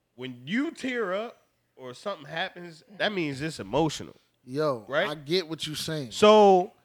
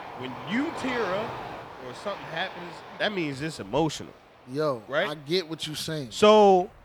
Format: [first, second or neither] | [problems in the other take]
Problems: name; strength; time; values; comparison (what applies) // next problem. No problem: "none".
first | train or aircraft noise; noticeable; throughout; 15 dB below the speech